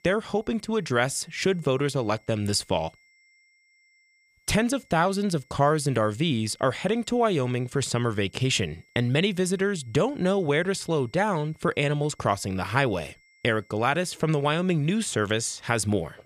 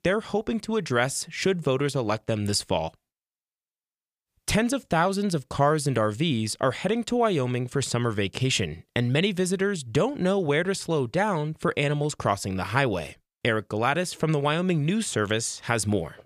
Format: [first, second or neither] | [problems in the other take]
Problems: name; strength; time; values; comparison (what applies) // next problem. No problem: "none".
second | high-pitched whine; faint; throughout; 2 kHz, 35 dB below the speech